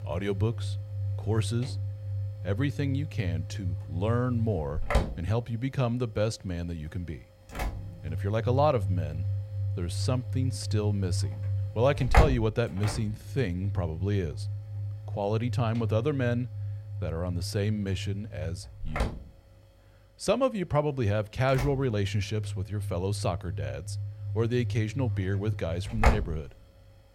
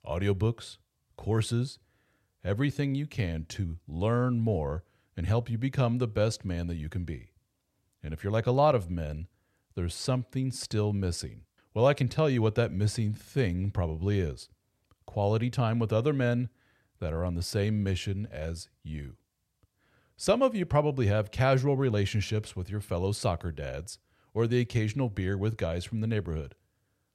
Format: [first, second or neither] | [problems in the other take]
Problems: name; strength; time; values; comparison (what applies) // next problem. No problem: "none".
second | household noises; loud; throughout; 3 dB below the speech